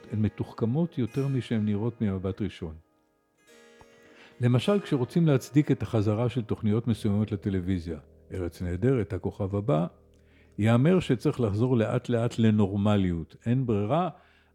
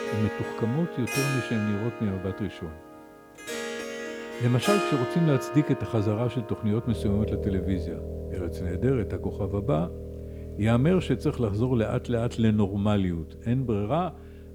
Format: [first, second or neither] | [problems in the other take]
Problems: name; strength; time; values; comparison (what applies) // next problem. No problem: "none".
first | background music; loud; throughout; 8 dB below the speech; faint in the first